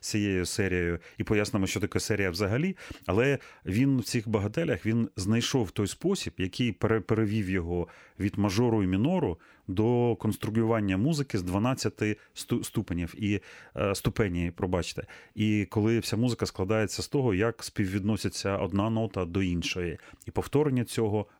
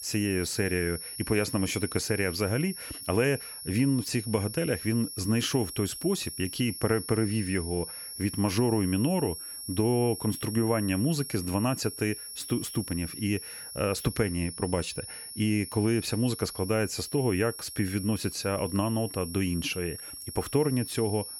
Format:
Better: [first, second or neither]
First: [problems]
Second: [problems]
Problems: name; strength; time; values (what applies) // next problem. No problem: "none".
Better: first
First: none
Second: high-pitched whine; loud; throughout; 10.5 kHz, 9 dB below the speech